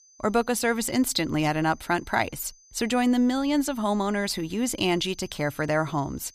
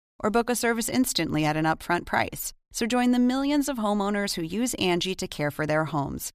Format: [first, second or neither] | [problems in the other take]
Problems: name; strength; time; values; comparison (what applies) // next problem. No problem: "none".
second | high-pitched whine; faint; throughout; 6 kHz, 25 dB below the speech